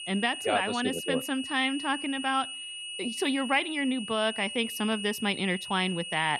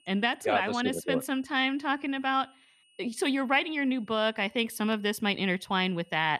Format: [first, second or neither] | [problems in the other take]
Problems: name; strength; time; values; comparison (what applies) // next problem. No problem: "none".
second | high-pitched whine; loud; throughout; 3 kHz, 7 dB below the speech; faint in the second